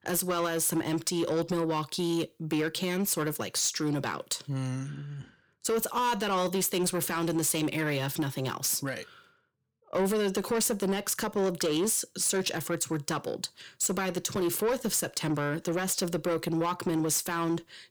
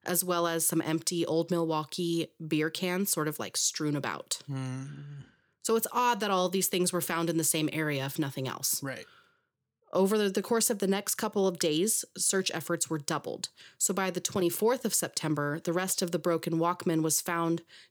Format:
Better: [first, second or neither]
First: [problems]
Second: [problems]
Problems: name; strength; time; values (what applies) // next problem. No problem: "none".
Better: second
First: distortion; slight; 10 dB below the speech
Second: none